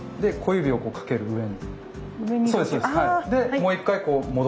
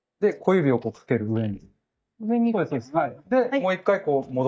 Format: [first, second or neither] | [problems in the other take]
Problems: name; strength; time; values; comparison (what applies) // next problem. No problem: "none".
first | noise reduction (neural mask model DeepFilterNet 3)